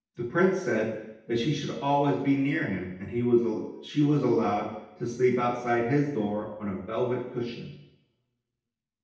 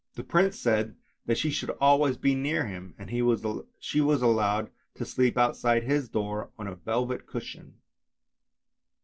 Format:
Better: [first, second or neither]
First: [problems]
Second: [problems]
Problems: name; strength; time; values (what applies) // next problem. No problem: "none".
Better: second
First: room echo; dies away in 0.9 s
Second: none